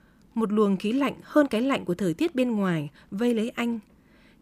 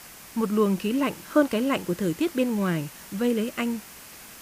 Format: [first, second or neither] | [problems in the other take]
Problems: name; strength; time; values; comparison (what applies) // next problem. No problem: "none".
first | hiss; noticeable; throughout; 15 dB below the speech